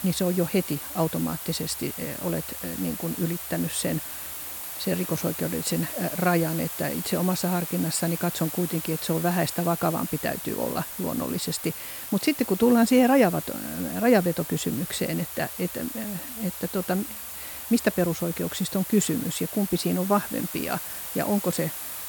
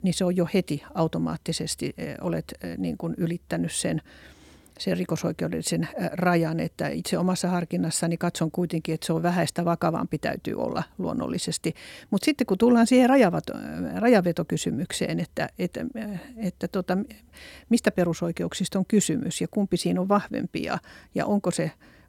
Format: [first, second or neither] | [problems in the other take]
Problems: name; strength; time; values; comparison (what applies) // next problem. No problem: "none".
second | hiss; loud; throughout; 6 dB below the speech